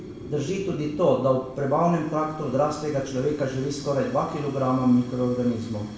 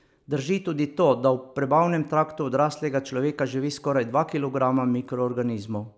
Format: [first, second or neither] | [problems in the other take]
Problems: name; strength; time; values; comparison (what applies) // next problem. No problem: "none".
second | background sound (Fire); 16 dB below the speech // room echo; dies away in 0.6 s